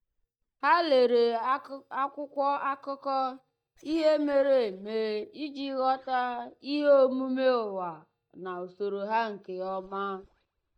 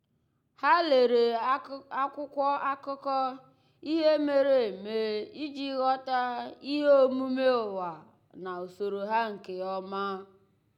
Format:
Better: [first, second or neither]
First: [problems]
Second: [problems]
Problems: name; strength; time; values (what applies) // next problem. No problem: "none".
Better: second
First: noise reduction (neural mask model DeepFilterNet 3)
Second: none